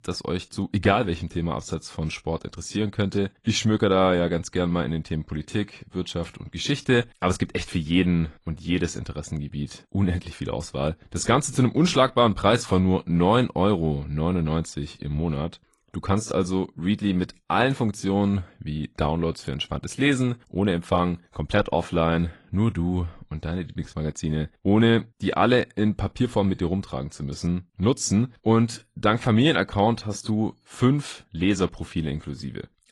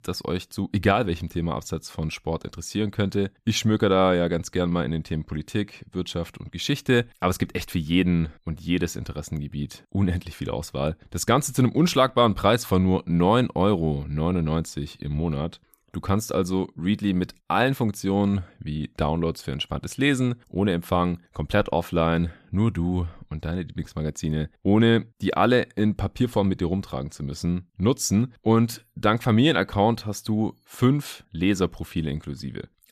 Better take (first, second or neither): second